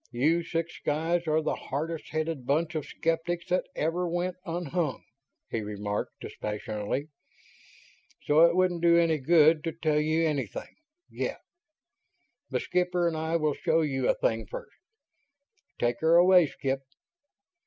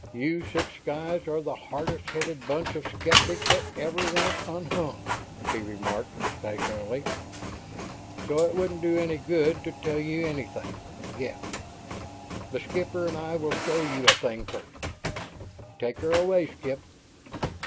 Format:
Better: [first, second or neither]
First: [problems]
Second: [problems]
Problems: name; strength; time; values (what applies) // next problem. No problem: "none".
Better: first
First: none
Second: background sound (Printer); 2 dB below the speech